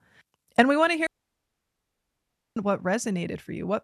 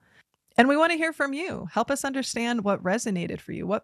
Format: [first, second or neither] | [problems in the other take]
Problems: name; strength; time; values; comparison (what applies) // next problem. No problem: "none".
second | audio cutting out; at 1 s for 1.5 s